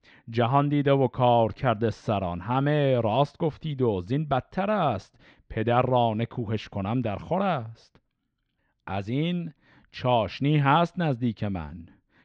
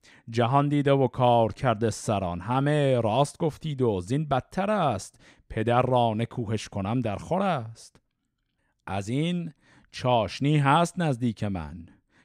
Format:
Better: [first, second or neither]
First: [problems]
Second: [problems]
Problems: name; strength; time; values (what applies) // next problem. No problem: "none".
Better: second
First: muffled; slightly; fading above 4.5 kHz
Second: none